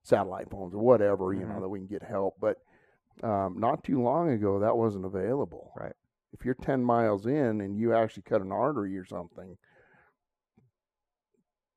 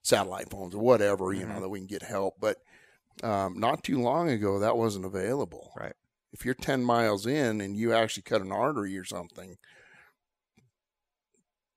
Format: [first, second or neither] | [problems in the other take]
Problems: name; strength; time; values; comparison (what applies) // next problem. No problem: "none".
second | muffled; very; fading above 2 kHz